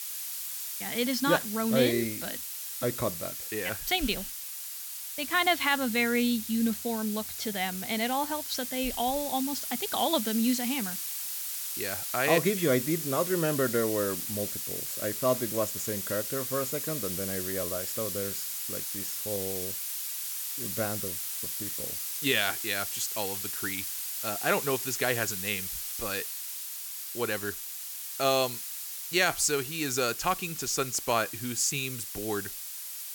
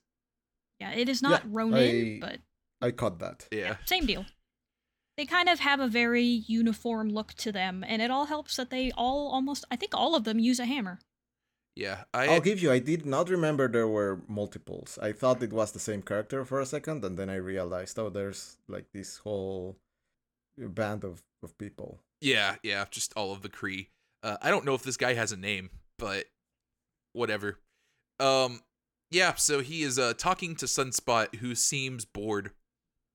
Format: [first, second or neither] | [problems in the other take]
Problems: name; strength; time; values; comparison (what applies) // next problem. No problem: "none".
second | hiss; loud; throughout; 3 dB below the speech